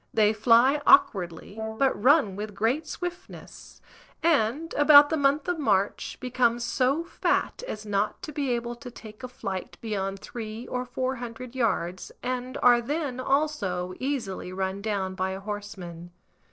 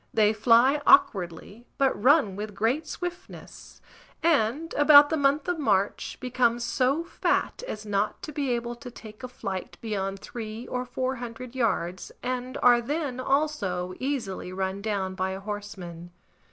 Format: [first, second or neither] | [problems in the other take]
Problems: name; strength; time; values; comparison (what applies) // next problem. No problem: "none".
second | noise reduction (neural separator model SepFormer DNS4)